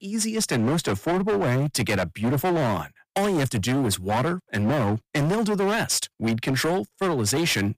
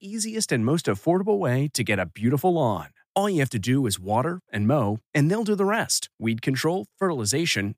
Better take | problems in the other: second | distortion; heavy; 27% of the sound clipped

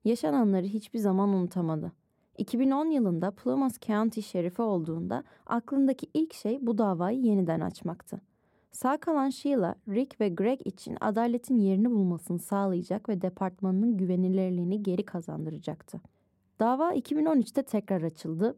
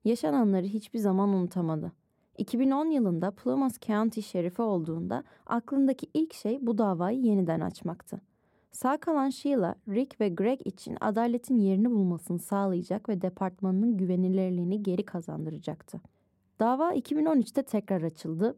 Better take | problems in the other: neither | muffled; slightly; fading above 1.5 kHz; the same in both

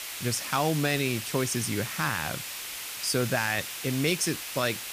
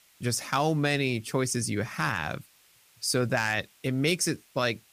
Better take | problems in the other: second | hiss; loud; throughout; 6 dB below the speech; faint in the second

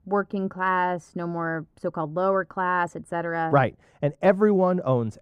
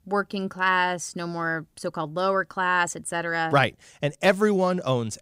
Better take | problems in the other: second | muffled; very; fading above 2 kHz

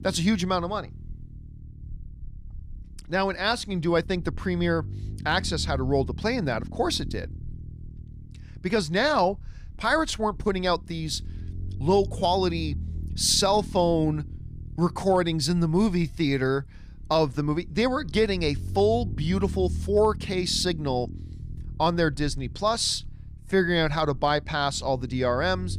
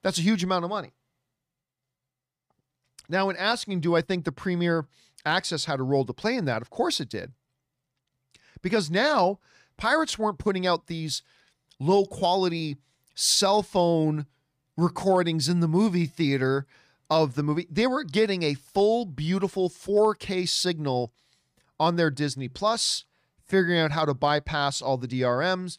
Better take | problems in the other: second | low rumble; faint; throughout; 25 dB below the speech

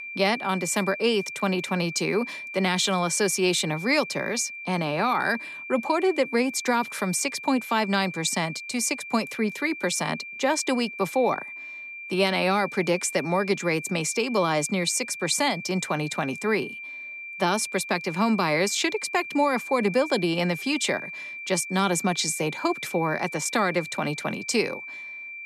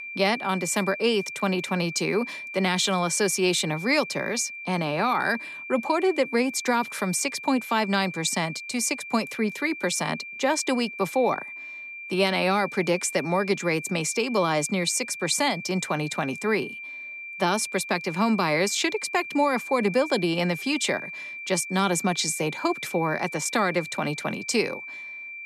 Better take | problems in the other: neither | high-pitched whine; noticeable; throughout; 2.5 kHz, 10 dB below the speech; the same in both

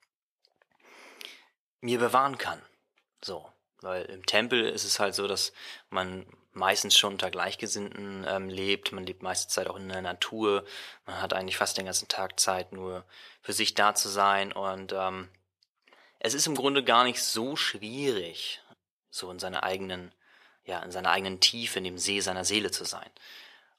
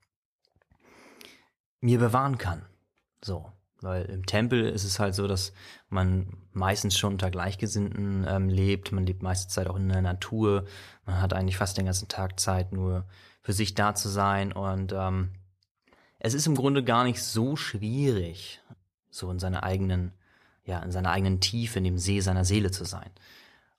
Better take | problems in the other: second | thin; very; fading below 400 Hz

